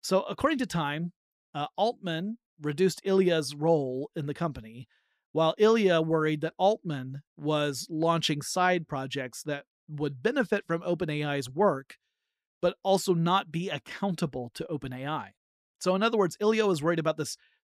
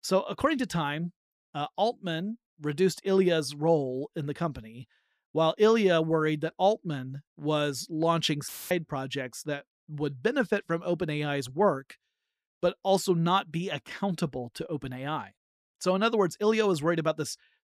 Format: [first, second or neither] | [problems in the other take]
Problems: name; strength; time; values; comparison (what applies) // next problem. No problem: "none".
first | audio cutting out; filled with static; at 8.5 s